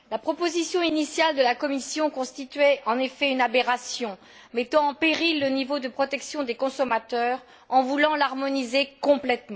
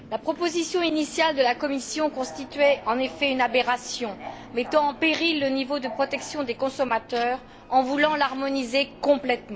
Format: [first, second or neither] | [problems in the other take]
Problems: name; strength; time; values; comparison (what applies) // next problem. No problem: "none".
first | background sound (Subway, metro, underground + Printer); 17 dB below the speech